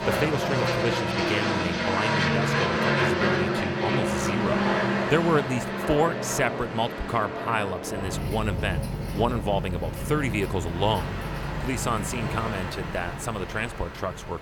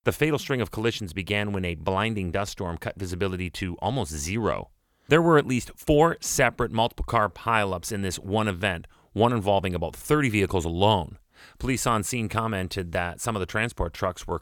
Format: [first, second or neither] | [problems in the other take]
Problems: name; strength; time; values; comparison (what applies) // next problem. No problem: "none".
second | train or aircraft noise; very loud; throughout; 1 dB above the speech